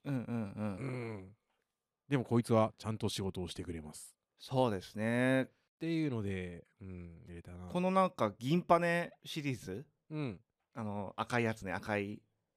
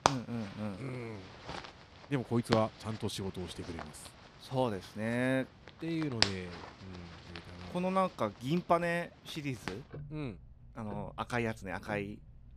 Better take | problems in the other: first | household noises; loud; throughout; 5 dB below the speech

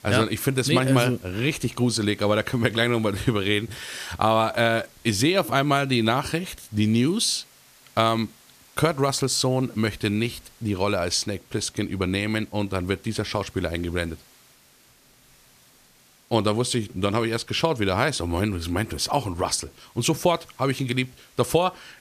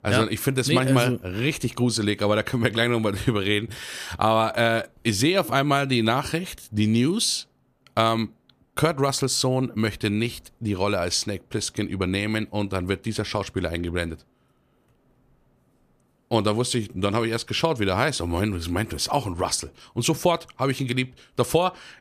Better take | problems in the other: second | hiss; faint; throughout; 30 dB below the speech

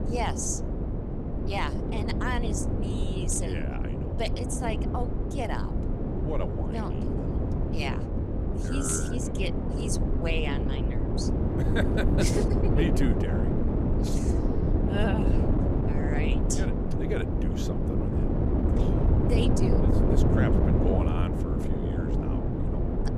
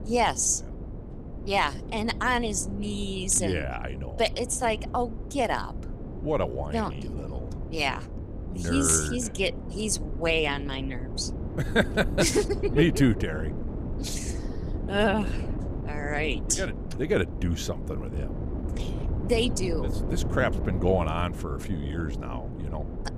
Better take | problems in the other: second | wind noise on the microphone; heavy; 1 dB above the speech; occasional gusts in the second

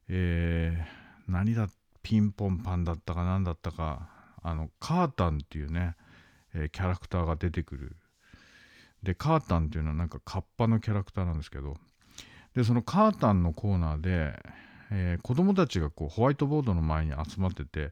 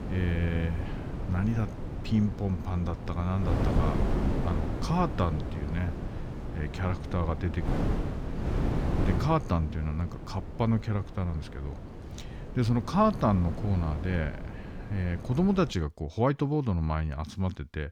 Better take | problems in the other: first | wind noise on the microphone; heavy; until 16 s; 7 dB below the speech

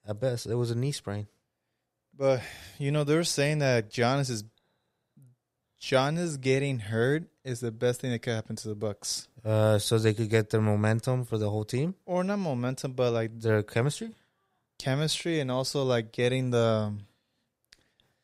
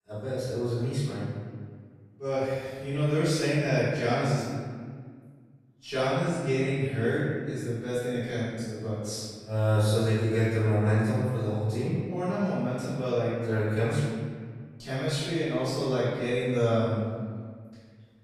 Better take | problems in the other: first | off-mic speech; far // room echo; strong; dies away in 1.7 s

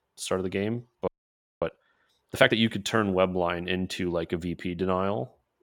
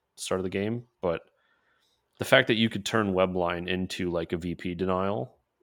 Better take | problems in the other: second | audio freezing; at 1 s for 0.5 s

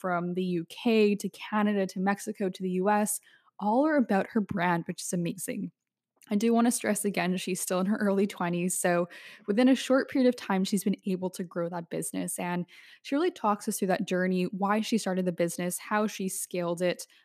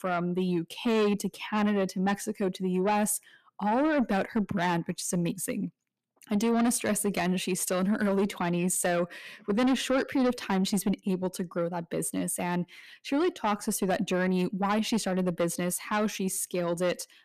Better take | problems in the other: first | distortion; slight; 10 dB below the speech

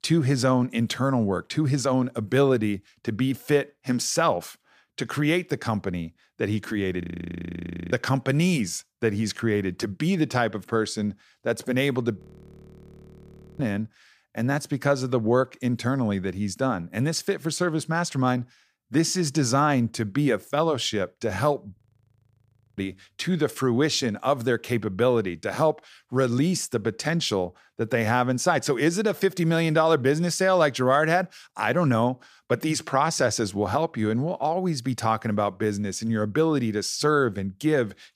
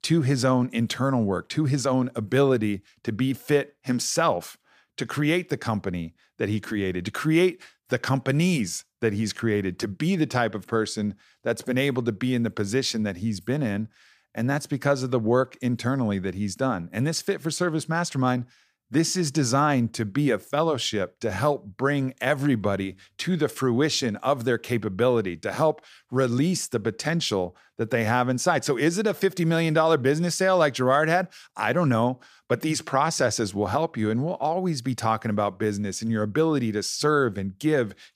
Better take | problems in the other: second | audio freezing; at 7 s for 1 s, at 12 s for 1.5 s and at 22 s for 1 s

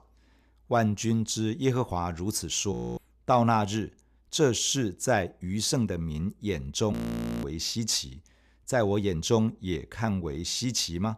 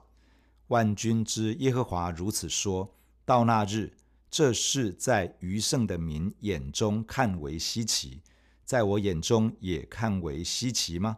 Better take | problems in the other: second | audio freezing; at 2.5 s and at 7 s for 0.5 s

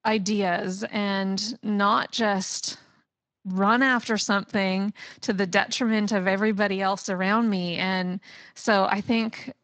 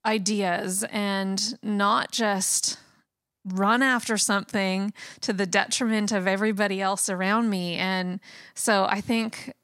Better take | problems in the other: second | garbled, watery; slightly

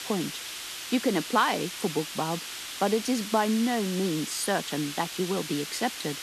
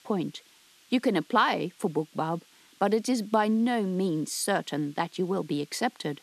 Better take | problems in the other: second | hiss; loud; throughout; 7 dB below the speech; faint in the second

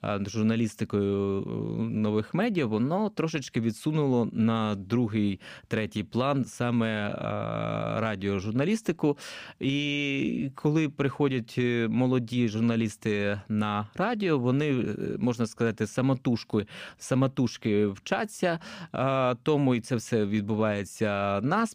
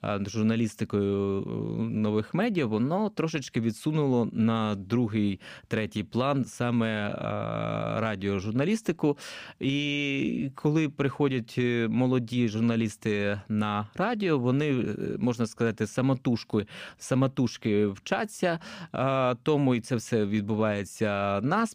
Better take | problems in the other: neither | none

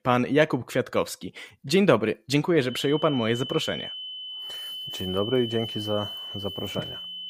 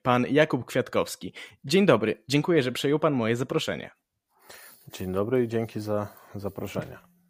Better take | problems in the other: second | high-pitched whine; loud; from 2.5 s on; 3 kHz, 8 dB below the speech

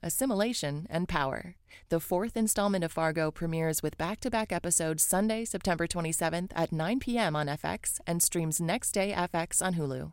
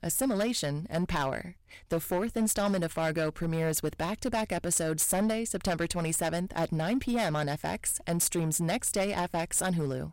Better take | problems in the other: first | distortion; slight; 8% of the sound clipped

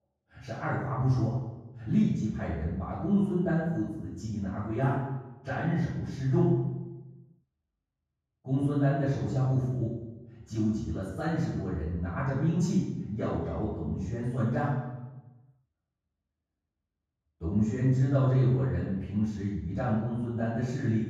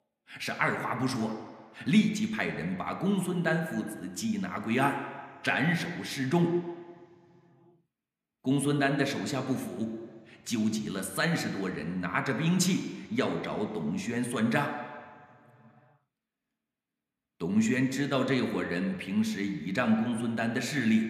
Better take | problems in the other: second | room echo; strong; dies away in 1.3 s; slight in the second // off-mic speech; far

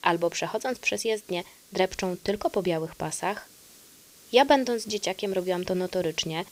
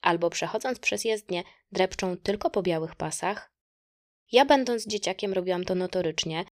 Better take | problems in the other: second | hiss; faint; throughout; 25 dB below the speech

